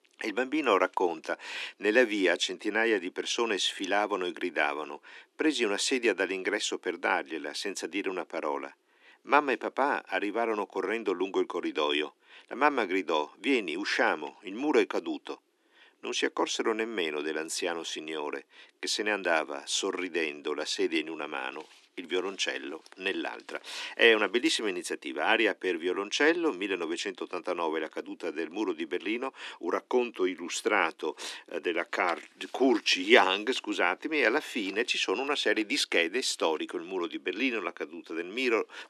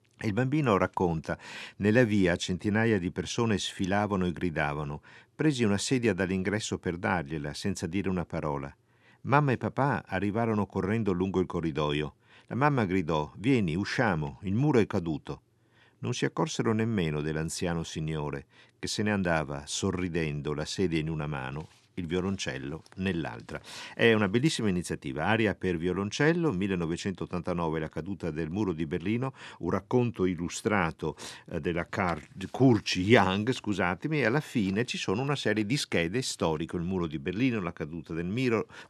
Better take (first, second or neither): second